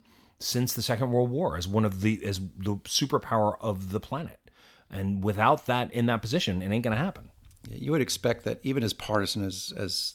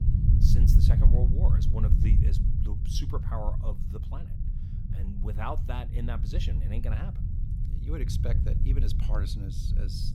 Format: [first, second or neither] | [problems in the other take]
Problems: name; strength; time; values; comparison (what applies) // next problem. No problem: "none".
first | low rumble; loud; throughout; 2 dB below the speech